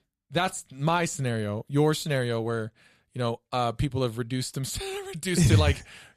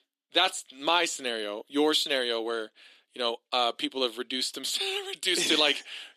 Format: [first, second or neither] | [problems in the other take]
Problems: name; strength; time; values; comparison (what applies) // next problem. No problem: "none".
first | thin; somewhat; fading below 300 Hz